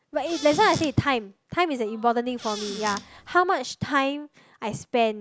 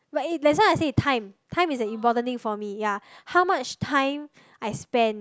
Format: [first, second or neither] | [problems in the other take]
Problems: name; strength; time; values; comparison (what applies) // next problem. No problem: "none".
second | background sound (Squeak / Cupboard open or close); 13 dB below the speech